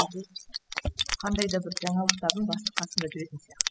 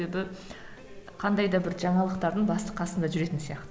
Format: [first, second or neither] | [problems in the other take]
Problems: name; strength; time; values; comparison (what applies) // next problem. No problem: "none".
second | noise reduction (classical method spectral subtraction)